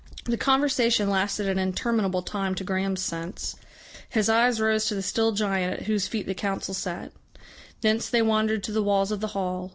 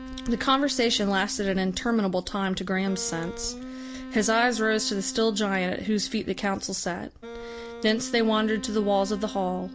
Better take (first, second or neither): first